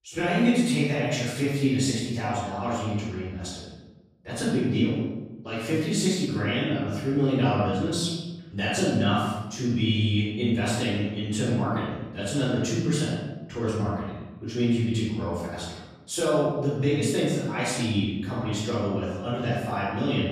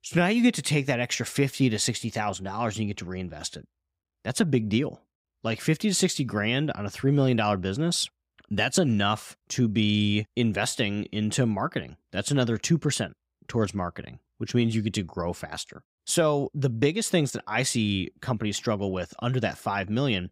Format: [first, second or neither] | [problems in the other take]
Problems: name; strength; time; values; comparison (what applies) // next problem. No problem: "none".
second | room echo; strong; dies away in 1 s // off-mic speech; far